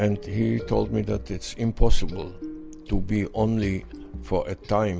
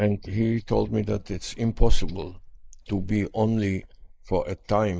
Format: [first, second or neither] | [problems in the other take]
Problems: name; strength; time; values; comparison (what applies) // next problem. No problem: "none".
first | noise reduction (neural mask model Resemble Enhance denoiser)